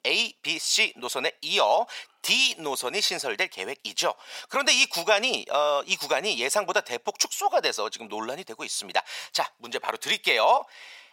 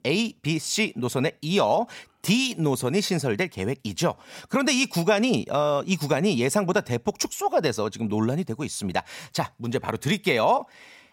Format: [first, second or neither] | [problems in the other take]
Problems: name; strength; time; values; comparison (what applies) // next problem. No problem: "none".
second | thin; very; fading below 700 Hz